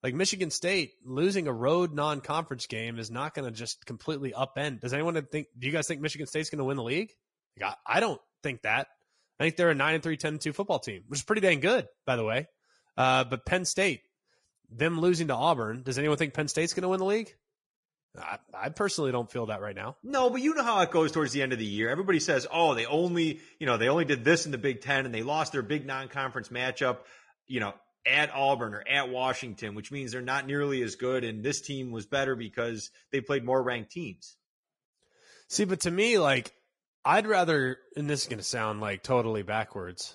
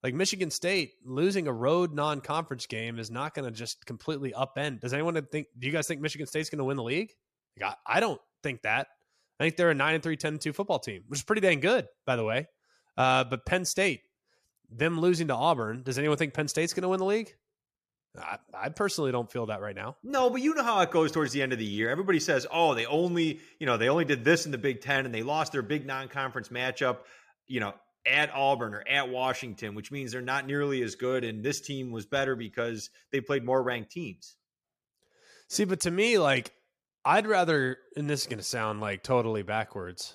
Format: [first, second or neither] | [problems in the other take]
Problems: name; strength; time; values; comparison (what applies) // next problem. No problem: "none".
second | garbled, watery; slightly; nothing above 10.5 kHz